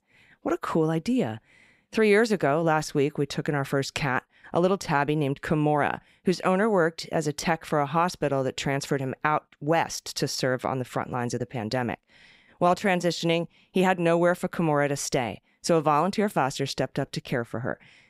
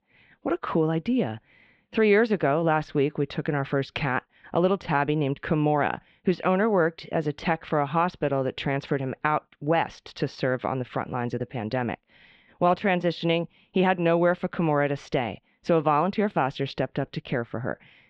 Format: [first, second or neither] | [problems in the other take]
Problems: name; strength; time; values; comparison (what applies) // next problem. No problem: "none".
first | muffled; slightly; fading above 3.5 kHz